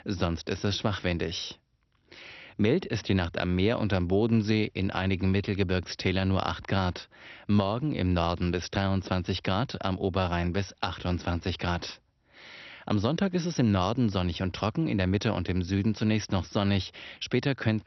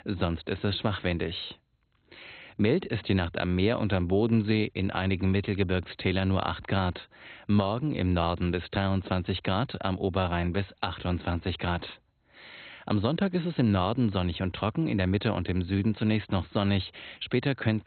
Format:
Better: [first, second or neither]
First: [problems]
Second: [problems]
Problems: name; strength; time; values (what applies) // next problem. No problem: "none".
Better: first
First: garbled, watery; slightly; nothing above 6 kHz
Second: garbled, watery; badly; nothing above 4 kHz